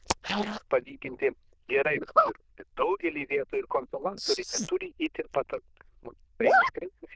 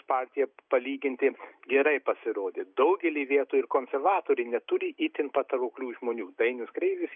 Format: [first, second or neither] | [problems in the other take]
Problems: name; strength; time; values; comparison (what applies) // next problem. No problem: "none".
second | noise reduction (neural diffusion model UNIVERSE++)